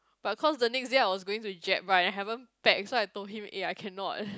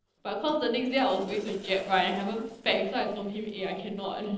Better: first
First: none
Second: noise reduction (neural separator model SepFormer DNS4)

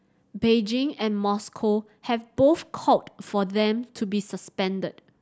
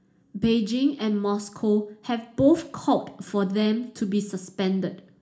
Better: first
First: none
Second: room echo; dies away in 0.4 s

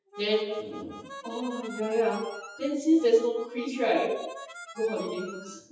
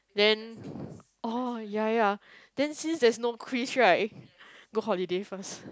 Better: second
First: noise reduction (classical method WPE with log-MMSE)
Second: none

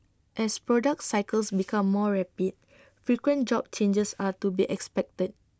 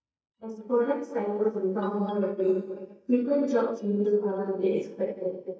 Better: first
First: none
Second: noise reduction (neural mask model DeepFilterNet 3)

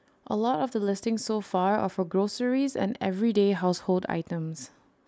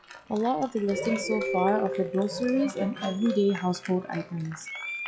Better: first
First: none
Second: noise reduction (classical method log-MMSE)

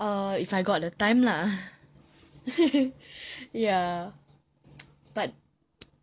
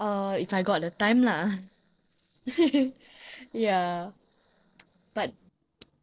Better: first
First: none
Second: noise reduction (neural separator model SepFormer DNS4)

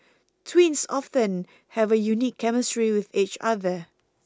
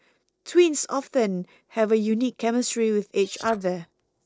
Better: first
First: none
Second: noise reduction (neural separator model SepFormer DNS4)

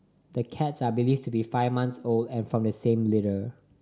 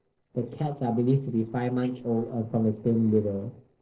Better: first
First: none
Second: noise reduction (neural separator model SepFormer DNS4)

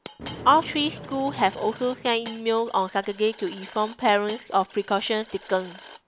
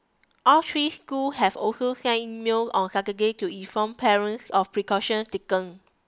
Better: second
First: background sound (Coin (dropping) + Thunder); 17 dB below the speech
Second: none

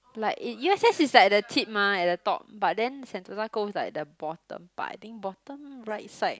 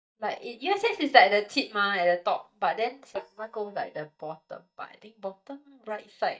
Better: first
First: none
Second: noise reduction (neural mask model DeepFilterNet 3)

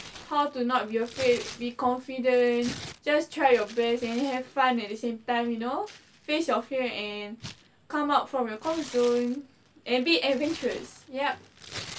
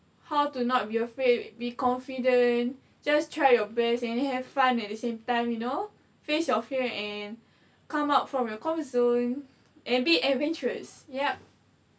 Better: second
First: background sound (Tearing); 18 dB below the speech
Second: none

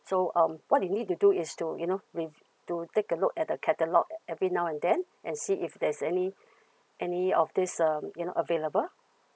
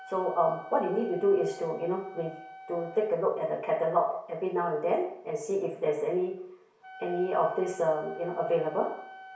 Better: first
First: none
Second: background sound (Wind instrument, woodwind instrument); 19 dB below the speech // room echo; dies away in 0.6 s

